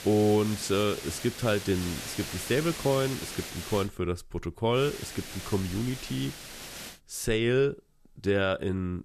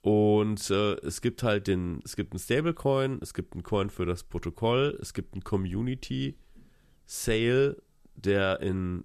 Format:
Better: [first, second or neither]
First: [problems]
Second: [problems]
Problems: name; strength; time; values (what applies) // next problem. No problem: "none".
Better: second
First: hiss; loud; until 4 s and from 5 to 7 s; 9 dB below the speech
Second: none